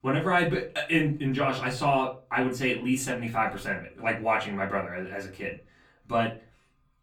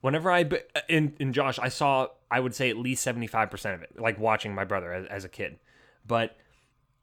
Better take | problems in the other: second | off-mic speech; far // room echo; very slight; dies away in 0.2 s

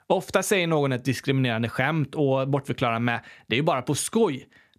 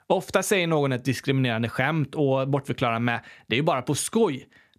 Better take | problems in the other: neither | none

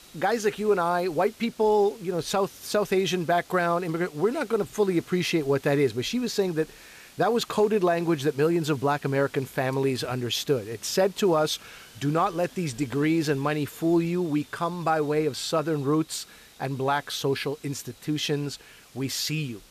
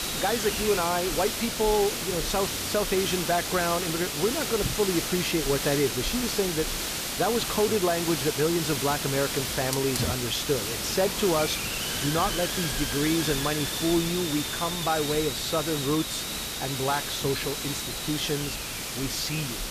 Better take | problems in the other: first | hiss; loud; throughout; 1 dB below the speech; faint in the first

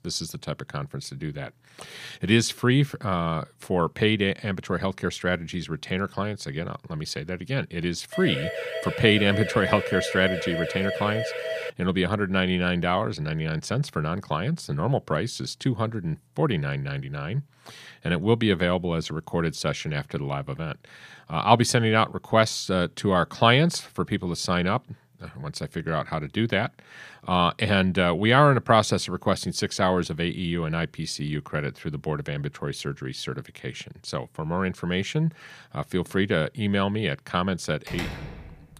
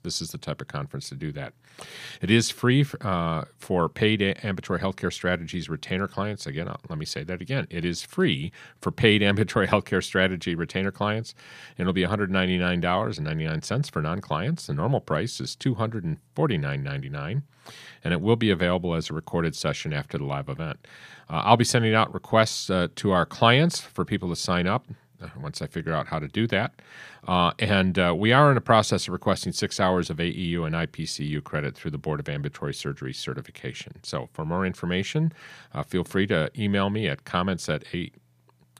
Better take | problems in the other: second | siren; noticeable; from 8 to 12 s; peak 4 dB below the speech // door banging; noticeable; at 38 s; peak 9 dB below the speech

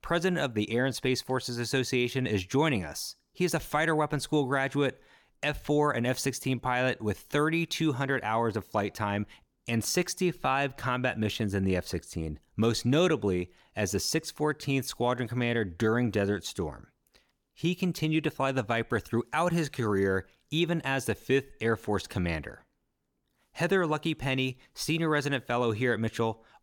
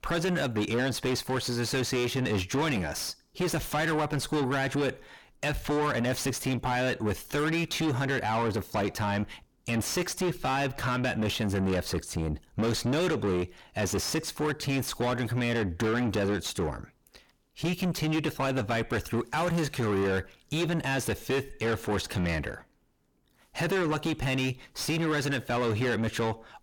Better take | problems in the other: first | distortion; heavy; 6 dB below the speech

